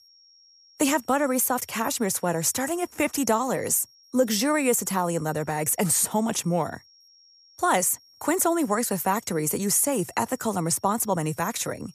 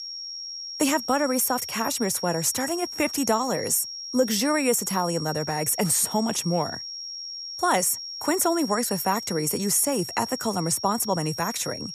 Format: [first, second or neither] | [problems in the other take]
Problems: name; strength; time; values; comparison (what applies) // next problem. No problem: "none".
first | high-pitched whine; loud; throughout; 5.5 kHz, 8 dB below the speech; faint in the first